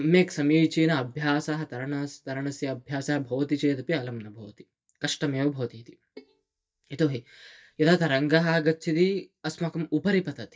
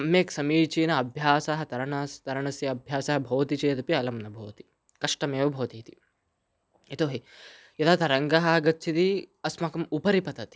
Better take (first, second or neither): second